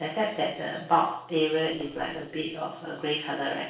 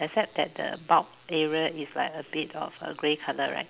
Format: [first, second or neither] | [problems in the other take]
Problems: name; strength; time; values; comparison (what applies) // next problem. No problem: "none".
second | noise reduction (neural separator model SepFormer DNS4)